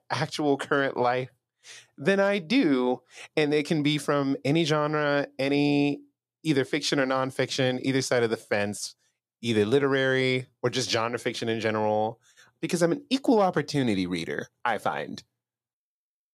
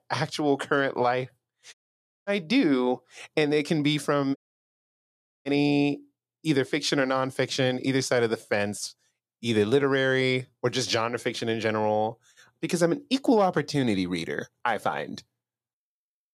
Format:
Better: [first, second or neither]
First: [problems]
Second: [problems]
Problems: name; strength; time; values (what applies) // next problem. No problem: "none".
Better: first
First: none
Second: audio cutting out; at 1.5 s for 0.5 s and at 4.5 s for 1 s